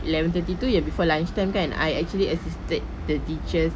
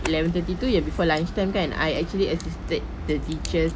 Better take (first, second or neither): first